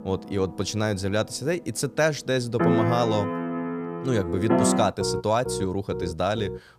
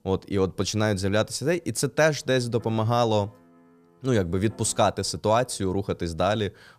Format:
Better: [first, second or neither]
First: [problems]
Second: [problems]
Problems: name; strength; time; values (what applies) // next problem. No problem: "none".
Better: second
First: background music; loud; throughout; 1 dB below the speech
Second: background music; faint; throughout; 30 dB below the speech